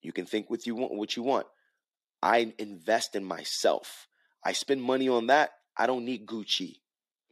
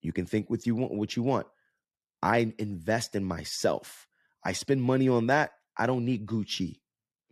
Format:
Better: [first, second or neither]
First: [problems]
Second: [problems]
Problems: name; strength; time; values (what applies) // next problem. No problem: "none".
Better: second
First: thin; somewhat; fading below 300 Hz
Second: none